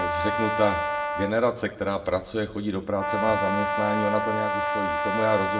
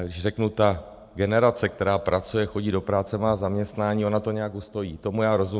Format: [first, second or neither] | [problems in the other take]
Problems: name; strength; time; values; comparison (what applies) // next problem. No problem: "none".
second | background sound (Brass instrument); 1 dB below the speech // room echo; dies away in 0.6 s